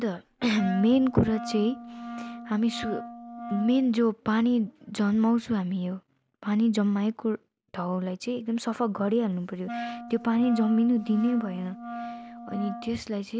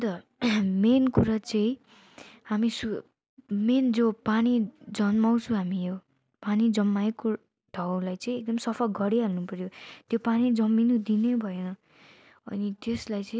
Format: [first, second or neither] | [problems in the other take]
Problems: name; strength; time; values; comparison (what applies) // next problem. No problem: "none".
second | background sound (Wind instrument, woodwind instrument); 11 dB below the speech